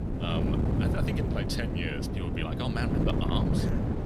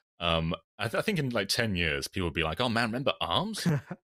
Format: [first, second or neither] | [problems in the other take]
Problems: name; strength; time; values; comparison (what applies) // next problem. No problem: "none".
second | wind noise on the microphone; heavy; as loud as the speech